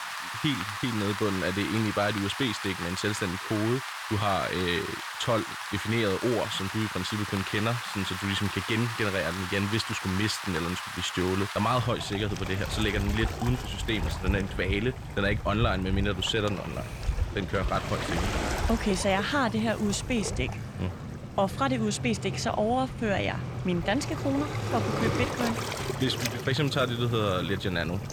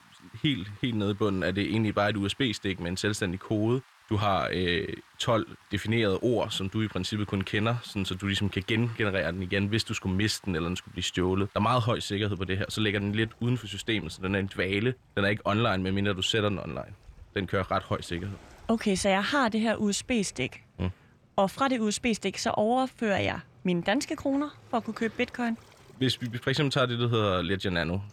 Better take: second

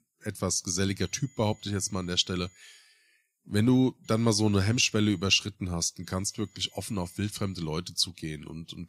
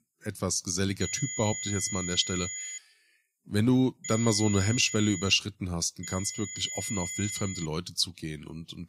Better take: first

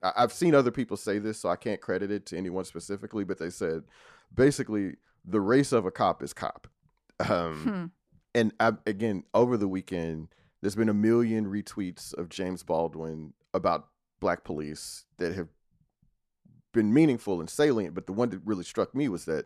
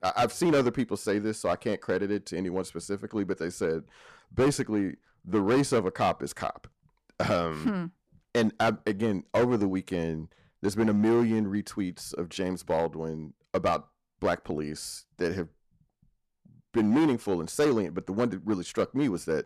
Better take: first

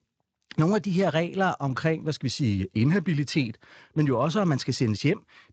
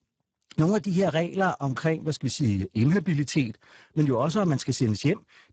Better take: first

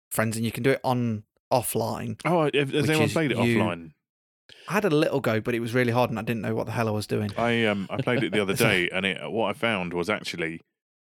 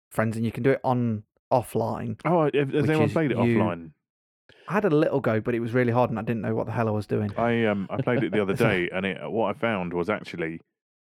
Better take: first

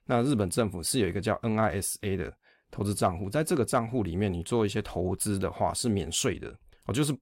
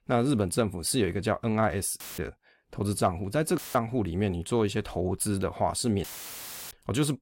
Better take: first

